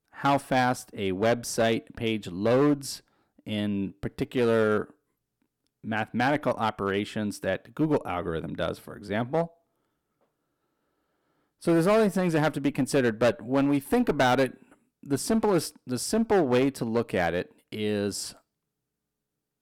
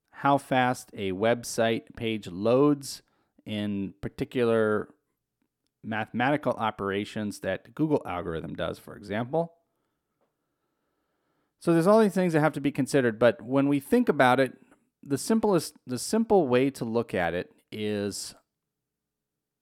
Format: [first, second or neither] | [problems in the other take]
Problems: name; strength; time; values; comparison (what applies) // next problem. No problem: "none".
second | distortion; slight; 6% of the sound clipped